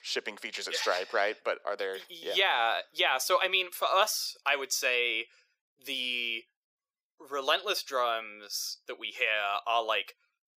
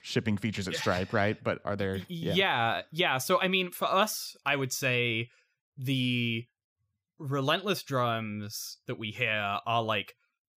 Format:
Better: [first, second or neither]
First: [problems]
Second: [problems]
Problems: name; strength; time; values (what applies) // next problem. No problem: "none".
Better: second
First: thin; very; fading below 450 Hz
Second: none